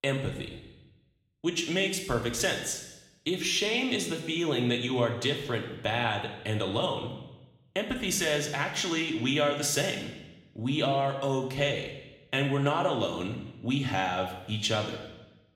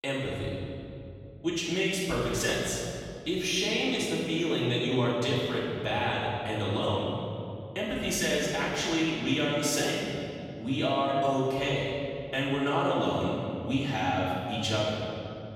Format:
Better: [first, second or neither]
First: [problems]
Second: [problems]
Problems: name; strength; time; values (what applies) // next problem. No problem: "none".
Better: first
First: room echo; slight; dies away in 0.9 s // off-mic speech; somewhat distant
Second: room echo; strong; dies away in 2.6 s // off-mic speech; far